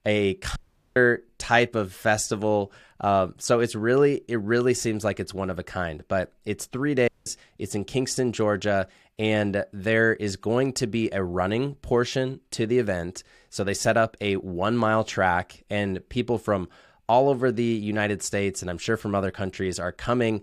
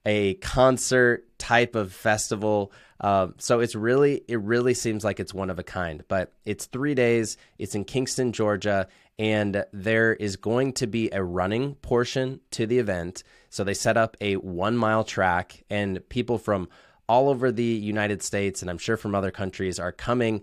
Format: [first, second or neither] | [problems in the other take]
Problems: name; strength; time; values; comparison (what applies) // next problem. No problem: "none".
second | audio cutting out; at 0.5 s and at 7 s